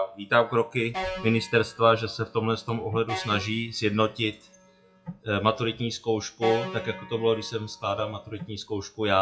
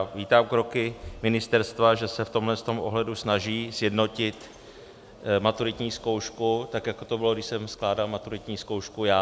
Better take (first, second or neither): second